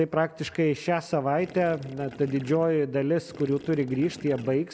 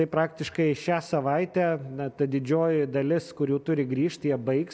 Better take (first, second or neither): second